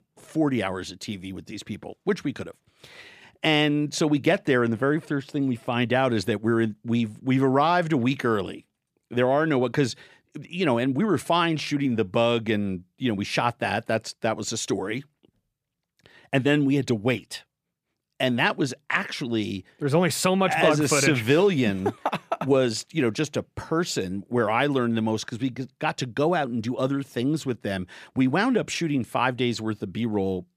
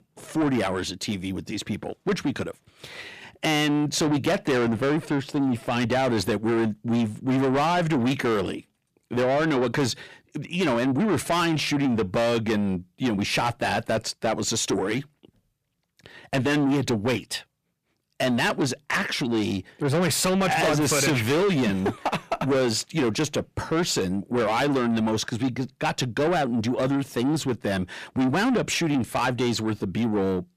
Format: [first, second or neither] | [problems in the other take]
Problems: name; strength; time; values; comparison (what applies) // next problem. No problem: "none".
first | distortion; heavy; 7 dB below the speech